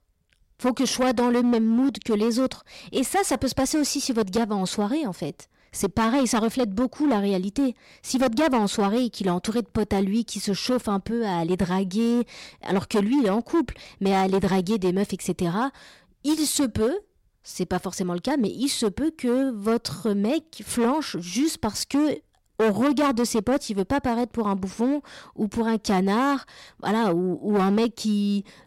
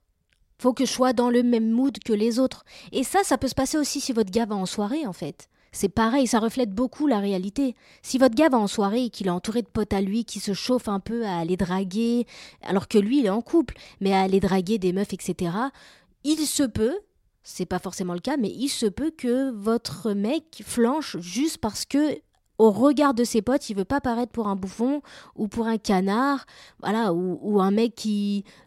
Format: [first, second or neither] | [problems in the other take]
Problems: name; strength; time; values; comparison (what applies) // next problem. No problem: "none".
second | distortion; slight; 9% of the sound clipped